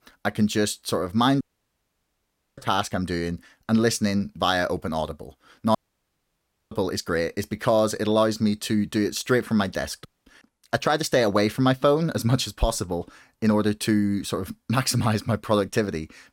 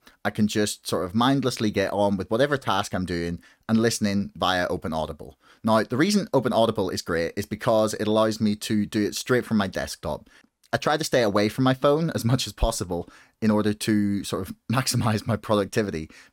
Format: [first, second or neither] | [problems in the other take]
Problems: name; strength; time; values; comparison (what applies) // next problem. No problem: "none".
second | audio cutting out; at 1.5 s for 1 s, at 6 s for 1 s and at 10 s